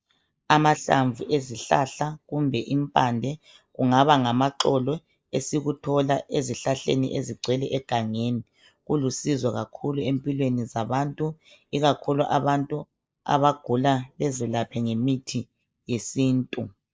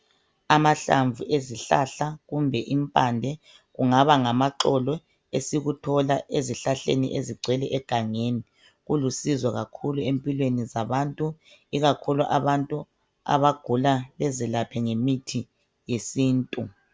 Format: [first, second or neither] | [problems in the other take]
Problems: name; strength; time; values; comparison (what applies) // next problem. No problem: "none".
second | noise reduction (neural mask model Resemble Enhance denoiser)